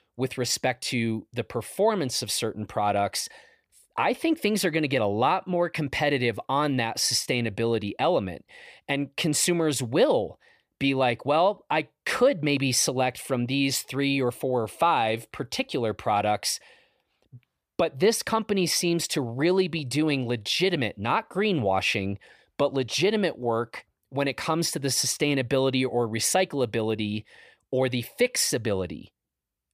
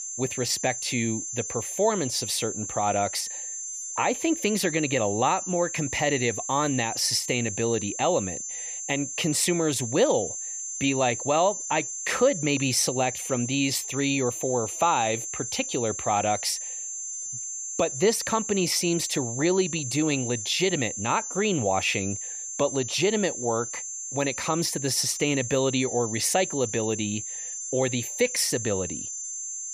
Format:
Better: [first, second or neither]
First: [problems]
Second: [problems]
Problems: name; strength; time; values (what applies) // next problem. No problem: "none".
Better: first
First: none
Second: high-pitched whine; loud; throughout; 7 kHz, 5 dB below the speech